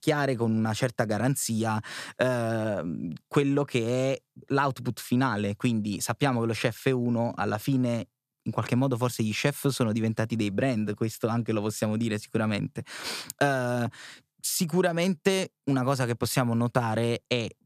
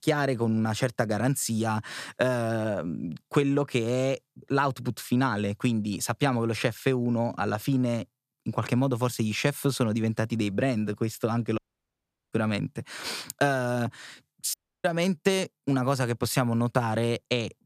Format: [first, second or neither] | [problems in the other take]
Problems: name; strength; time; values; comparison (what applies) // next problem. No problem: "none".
first | audio cutting out; at 12 s for 0.5 s and at 15 s